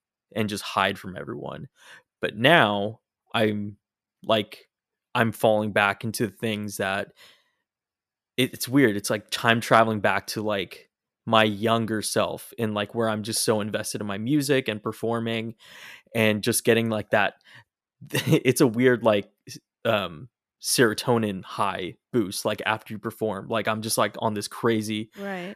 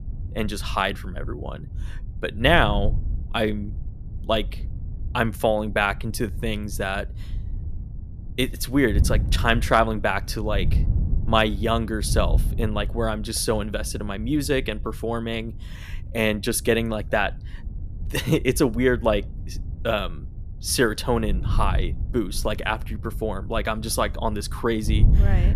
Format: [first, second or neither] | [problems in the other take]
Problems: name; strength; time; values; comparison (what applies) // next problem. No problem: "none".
first | wind noise on the microphone; occasional gusts; 20 dB below the speech